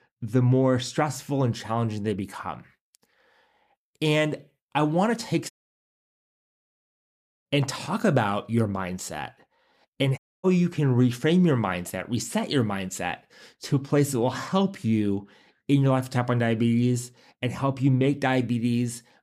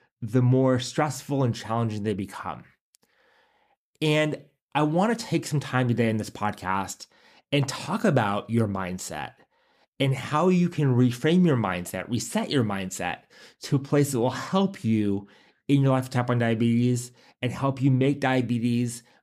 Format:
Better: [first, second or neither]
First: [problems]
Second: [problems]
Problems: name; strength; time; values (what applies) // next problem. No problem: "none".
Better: second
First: audio cutting out; at 5.5 s for 2 s and at 10 s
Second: none